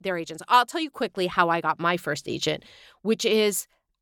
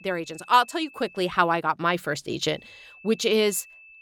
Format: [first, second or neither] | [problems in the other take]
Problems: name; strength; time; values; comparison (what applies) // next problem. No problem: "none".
first | high-pitched whine; faint; until 1.5 s and from 2.5 s on; 2.5 kHz, 25 dB below the speech